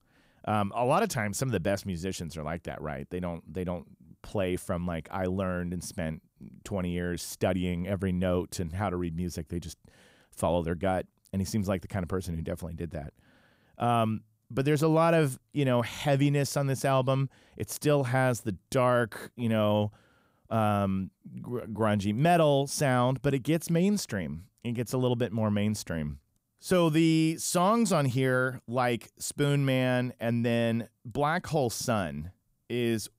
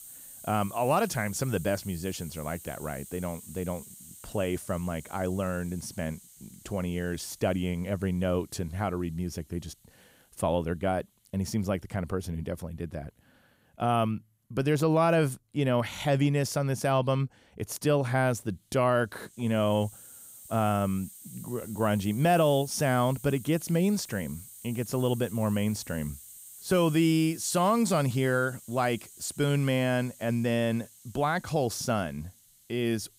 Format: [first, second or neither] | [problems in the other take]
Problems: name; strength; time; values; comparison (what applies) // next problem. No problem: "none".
first | hiss; noticeable; throughout; 15 dB below the speech